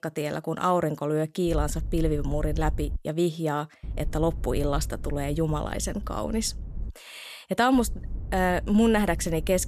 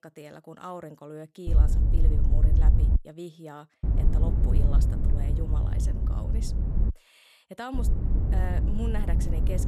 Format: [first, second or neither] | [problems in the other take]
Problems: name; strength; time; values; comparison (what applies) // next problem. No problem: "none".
first | low rumble; loud; from 1.5 to 3 s, from 4 to 7 s and from 7.5 s on; 1 dB below the speech; faint in the first